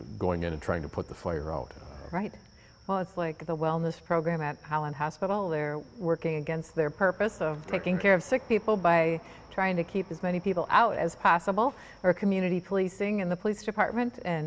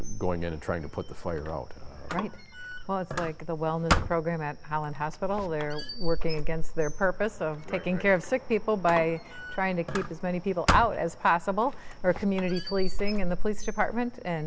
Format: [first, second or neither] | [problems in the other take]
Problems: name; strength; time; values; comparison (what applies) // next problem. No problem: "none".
first | background sound (Squeak); as loud as the speech